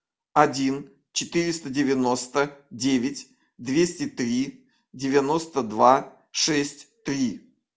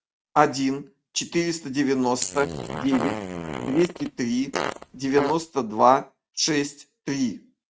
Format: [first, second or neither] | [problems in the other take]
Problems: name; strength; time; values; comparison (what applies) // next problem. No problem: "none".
first | noise reduction (neural mask model RNNoise)